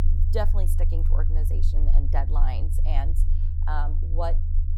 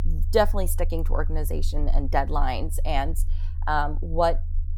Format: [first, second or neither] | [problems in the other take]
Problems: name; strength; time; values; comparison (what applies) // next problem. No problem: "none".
second | low rumble; loud; throughout; 9 dB below the speech; faint in the second